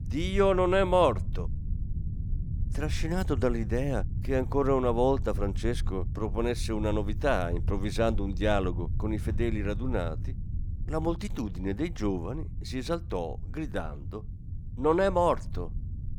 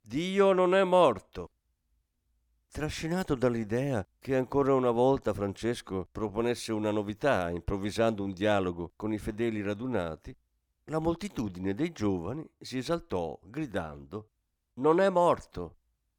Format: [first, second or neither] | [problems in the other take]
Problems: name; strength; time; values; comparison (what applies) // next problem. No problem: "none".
second | low rumble; faint; throughout; 20 dB below the speech